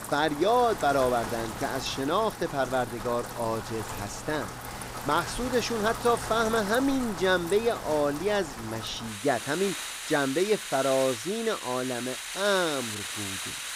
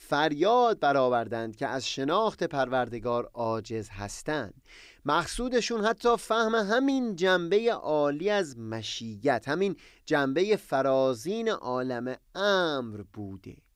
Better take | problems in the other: second | rain or running water; loud; throughout; 8 dB below the speech

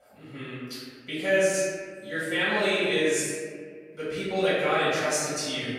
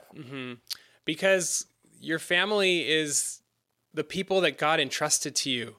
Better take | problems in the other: second | off-mic speech; far // room echo; strong; dies away in 1.7 s

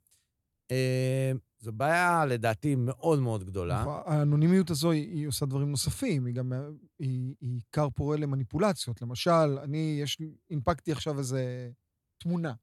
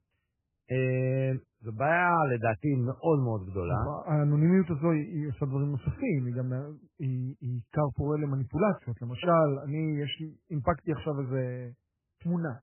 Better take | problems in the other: first | garbled, watery; badly; nothing above 3 kHz

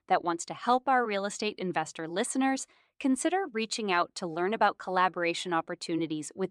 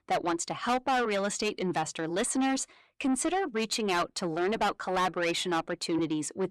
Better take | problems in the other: first | distortion; heavy; 7 dB below the speech

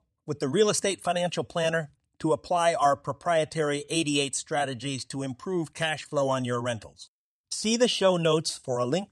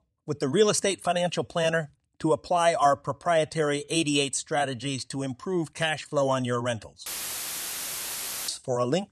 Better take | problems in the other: first | audio cutting out; filled with static; at 7 s for 1.5 s

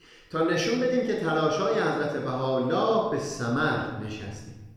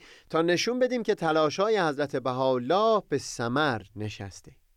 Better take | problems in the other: second | off-mic speech; somewhat distant // room echo; noticeable; dies away in 1 s

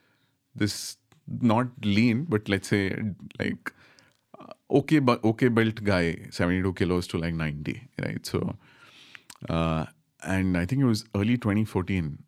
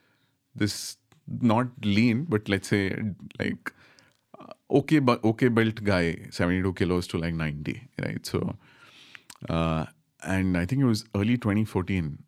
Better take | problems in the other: neither | none

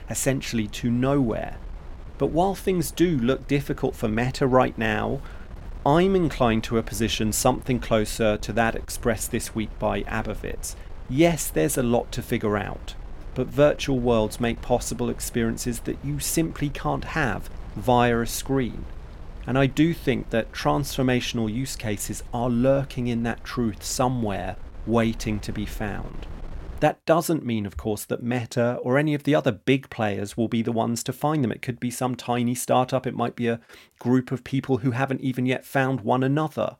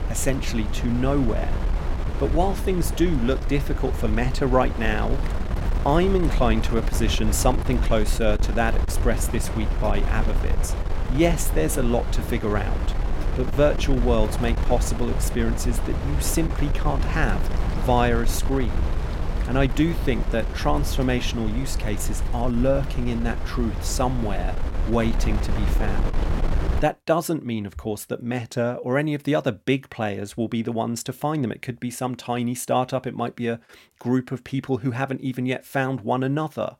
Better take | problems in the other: first | wind noise on the microphone; heavy; until 27 s; 9 dB below the speech; occasional gusts in the first

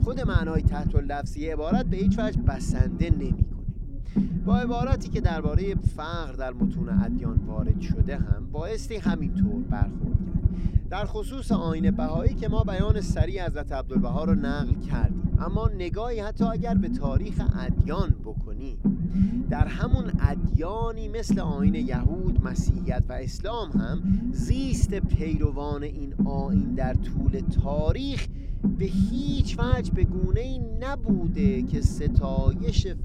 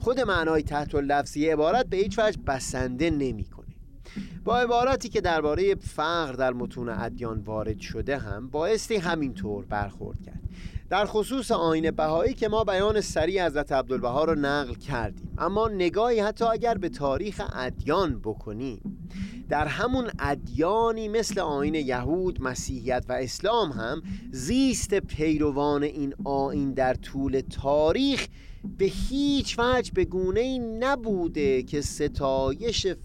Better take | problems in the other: second | low rumble; loud; throughout; 2 dB below the speech; faint in the second

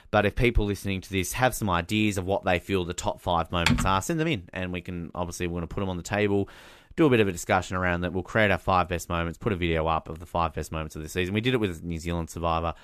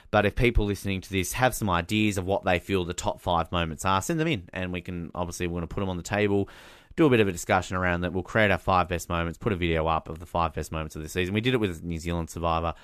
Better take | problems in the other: second | keyboard typing; loud; at 3.5 s; peak 2 dB above the speech

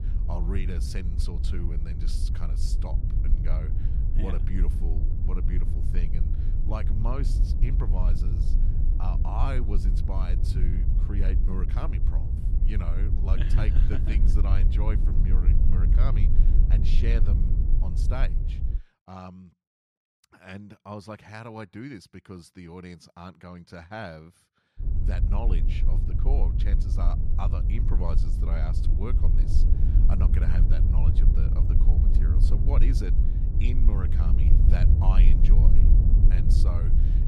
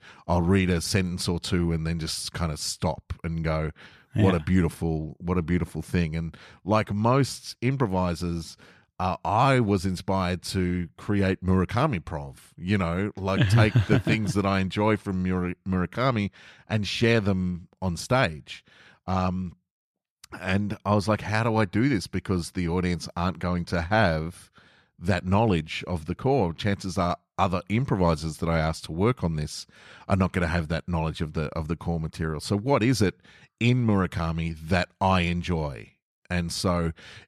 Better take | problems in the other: second | low rumble; loud; until 19 s and from 25 s on; 2 dB below the speech

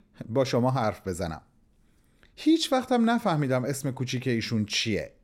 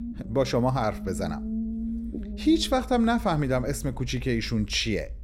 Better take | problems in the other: first | low rumble; noticeable; throughout; 15 dB below the speech

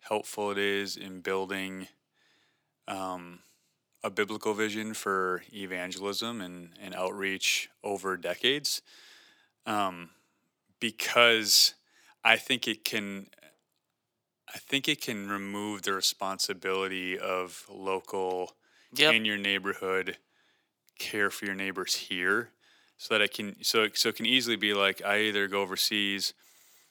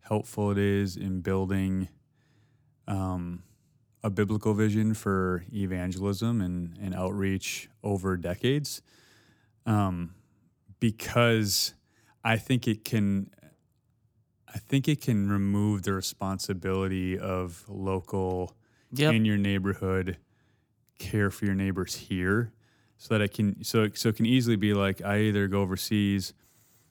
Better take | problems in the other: second | thin; very; fading below 450 Hz

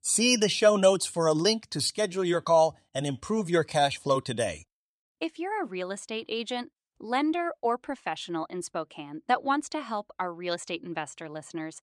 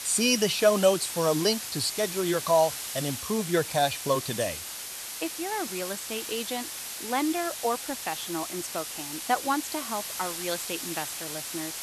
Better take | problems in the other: first | hiss; loud; throughout; 6 dB below the speech

